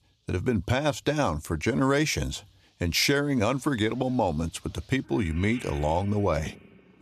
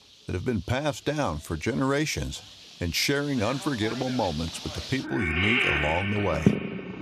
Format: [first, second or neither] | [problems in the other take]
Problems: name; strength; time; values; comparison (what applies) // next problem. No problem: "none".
first | animal sounds; loud; throughout; as loud as the speech; faint in the first